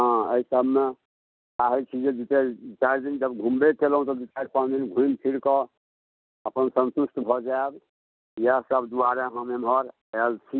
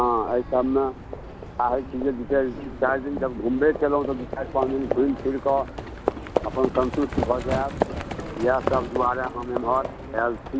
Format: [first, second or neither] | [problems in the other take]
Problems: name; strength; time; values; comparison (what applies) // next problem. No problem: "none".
first | background sound (Livestock, farm animals, working animals); 6 dB below the speech